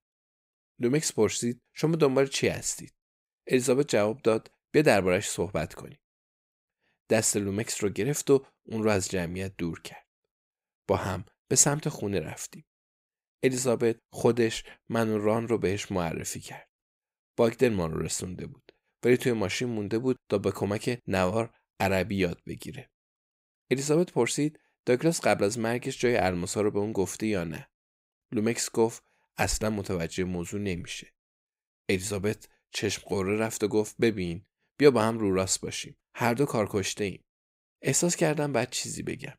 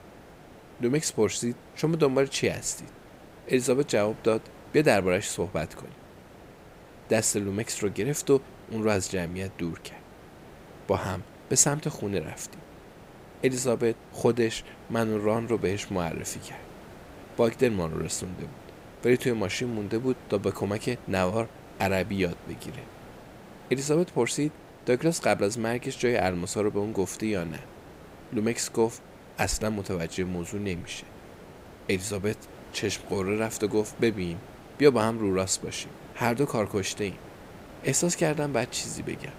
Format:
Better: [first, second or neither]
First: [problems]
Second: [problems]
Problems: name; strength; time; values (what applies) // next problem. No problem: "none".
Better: first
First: none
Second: hiss; noticeable; throughout; 20 dB below the speech